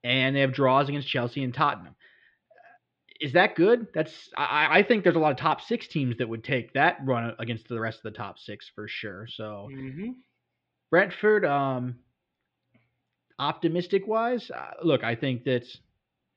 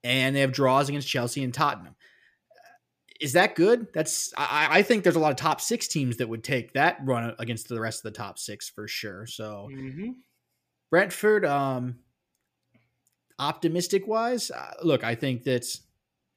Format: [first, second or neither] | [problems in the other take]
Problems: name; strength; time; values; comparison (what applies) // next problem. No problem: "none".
second | muffled; very; fading above 4 kHz